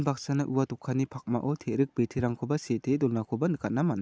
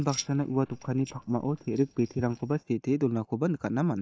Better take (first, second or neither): first